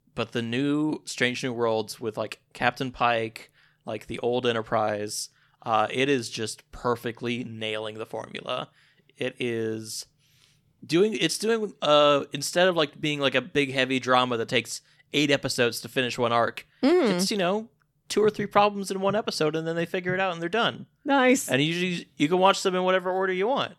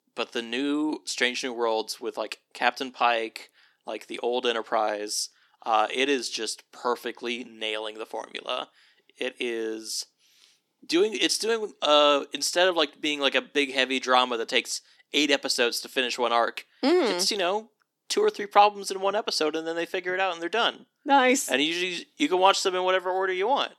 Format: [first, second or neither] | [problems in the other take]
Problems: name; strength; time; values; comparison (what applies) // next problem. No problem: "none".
first | thin; very slightly; fading below 300 Hz